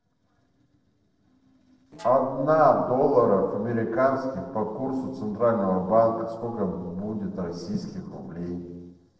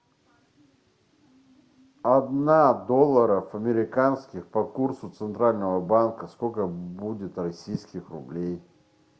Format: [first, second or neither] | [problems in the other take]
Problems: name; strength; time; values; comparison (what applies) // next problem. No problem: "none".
second | noise reduction (neural separator model SepFormer DNS4)